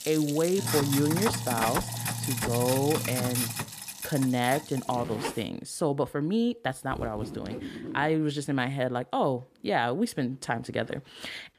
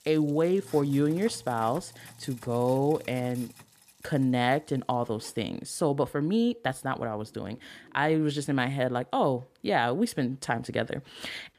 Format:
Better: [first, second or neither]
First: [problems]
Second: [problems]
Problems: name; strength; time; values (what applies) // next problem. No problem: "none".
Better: second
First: household noises; loud; throughout; 3 dB below the speech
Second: household noises; faint; throughout; 20 dB below the speech